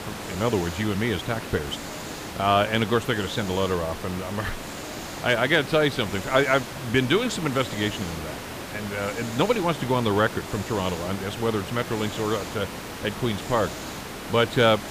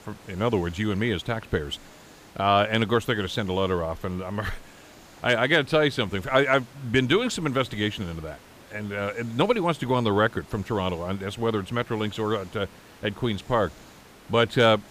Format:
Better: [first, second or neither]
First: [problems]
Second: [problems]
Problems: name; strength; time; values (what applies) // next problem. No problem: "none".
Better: second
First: hiss; loud; throughout; 9 dB below the speech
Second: hiss; faint; throughout; 25 dB below the speech